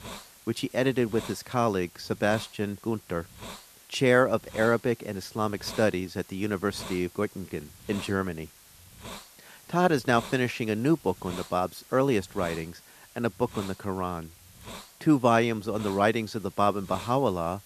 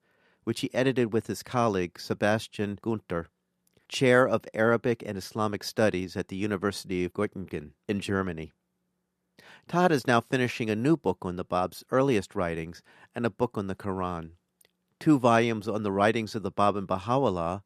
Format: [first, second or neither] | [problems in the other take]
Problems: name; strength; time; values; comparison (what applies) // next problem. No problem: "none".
second | hiss; noticeable; throughout; 20 dB below the speech